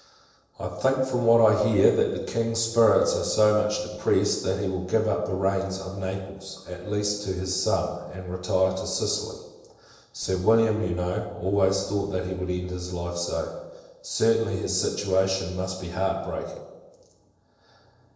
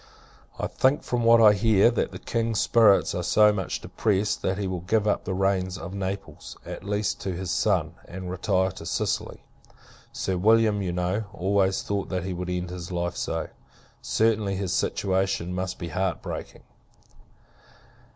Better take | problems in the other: second | noise reduction (neural separator model SepFormer DNS4)

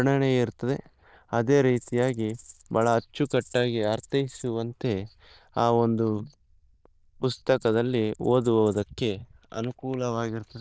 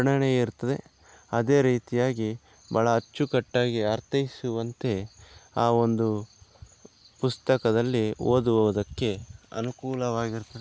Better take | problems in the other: second | noise reduction (neural diffusion model UNIVERSE++)

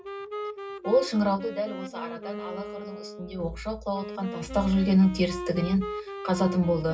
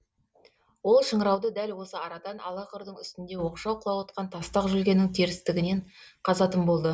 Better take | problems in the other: second | background sound (Wind instrument, woodwind instrument); 10 dB below the speech // room echo; dies away in 0.4 s

